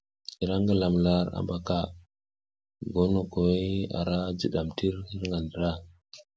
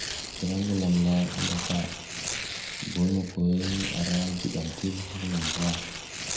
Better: first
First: none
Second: background sound (Tearing); 6 dB below the speech // room echo; dies away in 0.7 s

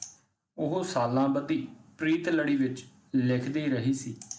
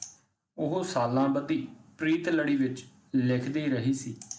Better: first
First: none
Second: background sound (Brass instrument); 20 dB below the speech

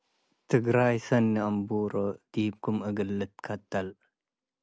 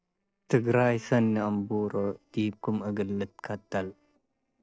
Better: first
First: none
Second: noise reduction (neural separator model SepFormer DNS4)

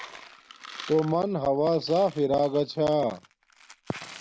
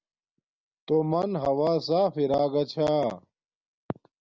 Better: second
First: background sound (Coin (dropping)); 19 dB below the speech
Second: none

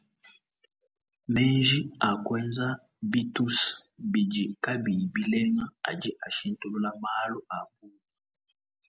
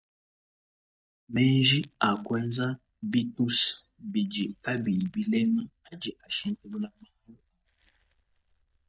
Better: first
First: none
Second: noise reduction (neural mask model DeepFilterNet 3)

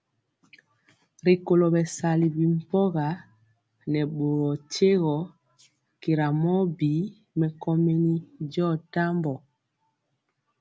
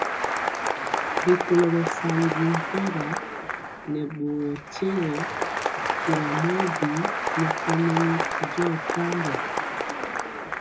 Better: first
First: none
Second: background sound (Applause); 1 dB below the speech // room echo; dies away in 0.2 s

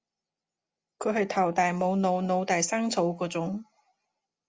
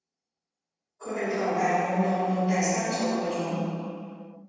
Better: first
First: none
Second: room echo; dies away in 2.1 s

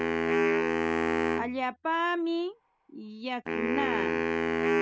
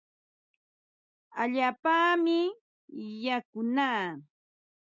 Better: second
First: background sound (Wind instrument, woodwind instrument); 5 dB above the speech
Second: none

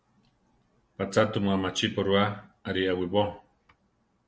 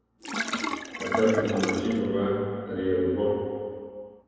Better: first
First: none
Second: background sound (Sink (filling or washing)); 5 dB below the speech // room echo; dies away in 2.2 s

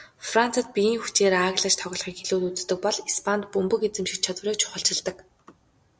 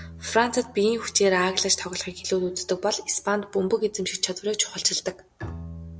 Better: first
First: none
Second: background sound (Bowed string instrument); 19 dB below the speech

